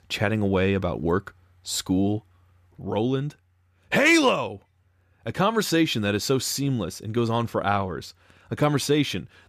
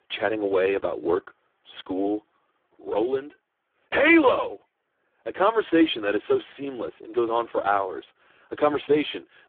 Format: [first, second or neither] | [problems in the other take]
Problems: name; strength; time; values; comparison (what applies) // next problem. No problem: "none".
first | phone-call audio; poor line